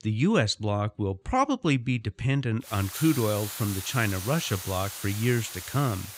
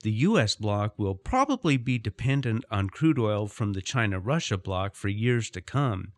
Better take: second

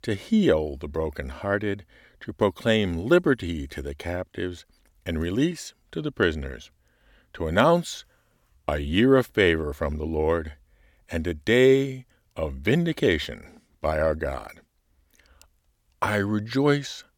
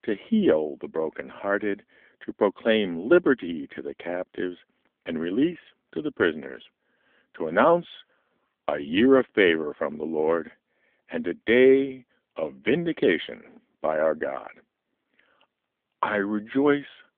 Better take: first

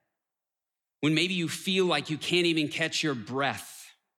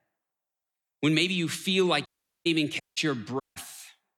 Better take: first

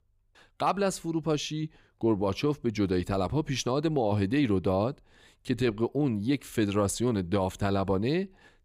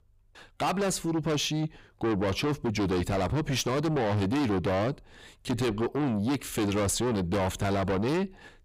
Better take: first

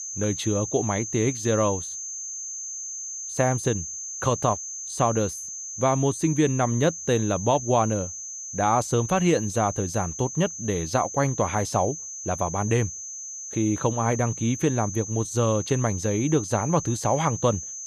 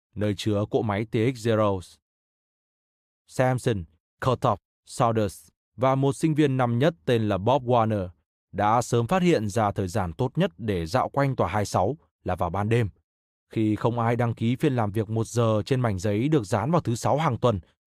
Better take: second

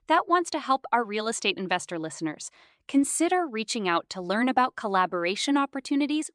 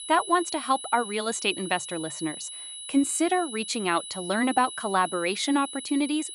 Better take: first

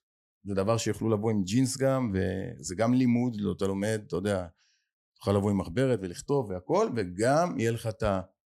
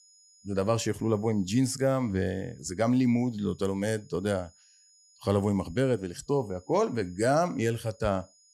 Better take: first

